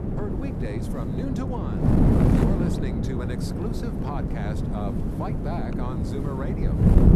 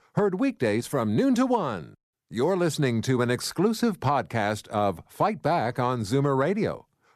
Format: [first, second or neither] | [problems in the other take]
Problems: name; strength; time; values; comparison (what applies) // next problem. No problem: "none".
second | wind noise on the microphone; heavy; 4 dB above the speech